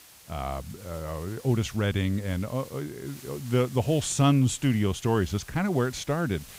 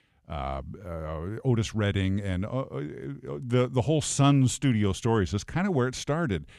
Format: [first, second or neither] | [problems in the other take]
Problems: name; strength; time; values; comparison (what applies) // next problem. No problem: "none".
second | hiss; noticeable; throughout; 20 dB below the speech